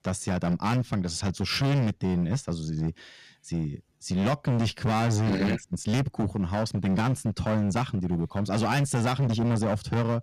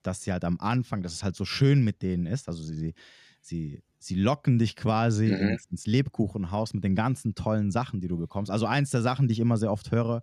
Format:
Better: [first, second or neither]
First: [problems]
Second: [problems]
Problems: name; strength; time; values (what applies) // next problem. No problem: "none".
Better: second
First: distortion; heavy; 19% of the sound clipped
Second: none